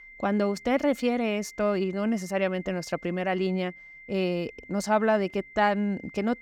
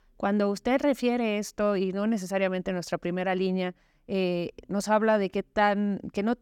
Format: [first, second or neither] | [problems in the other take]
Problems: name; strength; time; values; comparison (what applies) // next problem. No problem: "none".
second | high-pitched whine; noticeable; throughout; 2 kHz, 20 dB below the speech